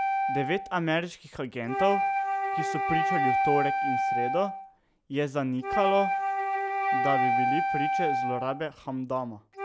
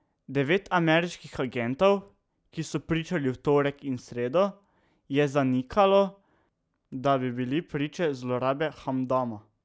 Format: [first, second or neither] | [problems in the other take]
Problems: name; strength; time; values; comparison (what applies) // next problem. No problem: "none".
second | background sound (Wind instrument, woodwind instrument); 3 dB above the speech